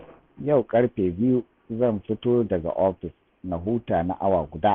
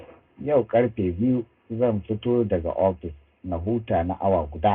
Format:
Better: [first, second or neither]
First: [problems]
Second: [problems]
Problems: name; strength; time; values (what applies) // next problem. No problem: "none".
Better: first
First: none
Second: room echo; dies away in 0.2 s